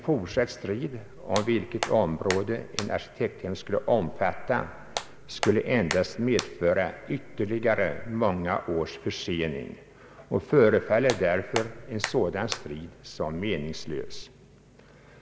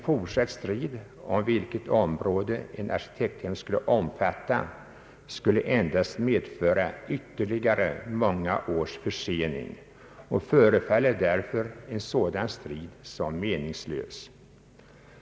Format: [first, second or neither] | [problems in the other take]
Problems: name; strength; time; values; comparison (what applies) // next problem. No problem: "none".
second | background sound (Hands); 10 dB below the speech